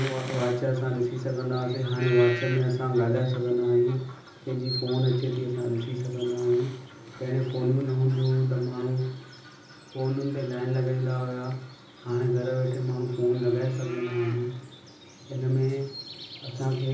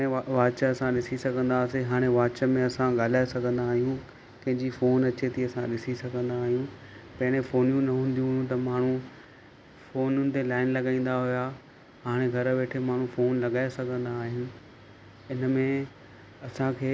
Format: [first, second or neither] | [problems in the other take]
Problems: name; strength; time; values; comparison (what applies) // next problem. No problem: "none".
second | background sound (Bird vocalization, bird call, bird song); 16 dB below the speech // room echo; dies away in 0.6 s